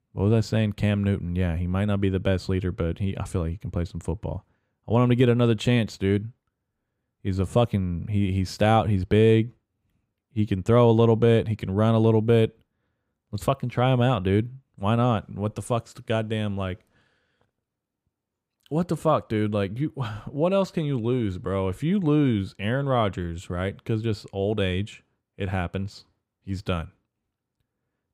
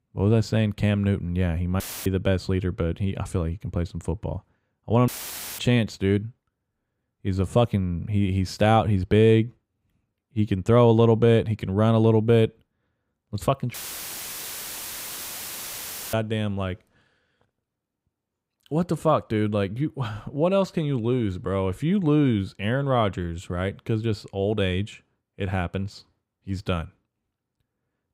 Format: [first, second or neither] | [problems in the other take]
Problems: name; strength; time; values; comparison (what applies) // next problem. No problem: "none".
first | audio cutting out; filled with static; at 2 s, at 5 s for 0.5 s and at 14 s for 2.5 s